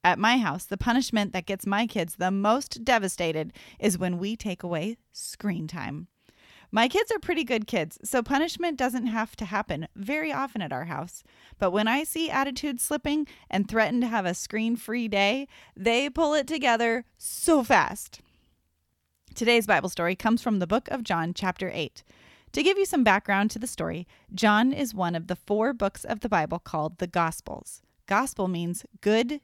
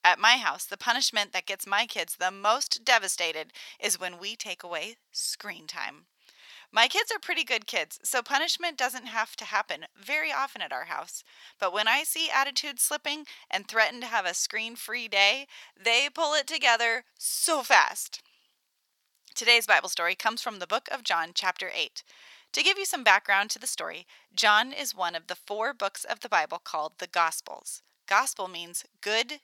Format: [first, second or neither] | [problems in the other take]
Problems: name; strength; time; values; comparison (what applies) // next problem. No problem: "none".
first | thin; very; fading below 900 Hz